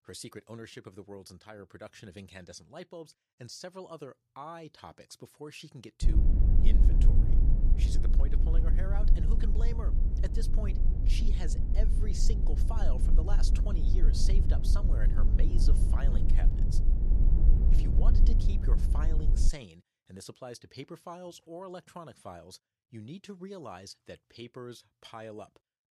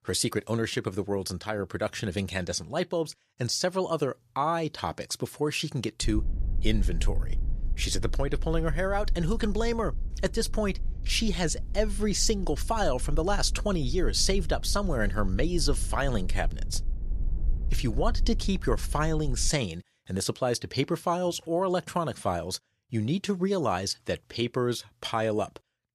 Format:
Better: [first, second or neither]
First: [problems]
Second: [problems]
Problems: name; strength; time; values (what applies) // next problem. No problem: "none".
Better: second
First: low rumble; loud; from 6 to 19 s; 2 dB below the speech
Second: low rumble; faint; from 6 to 19 s; 25 dB below the speech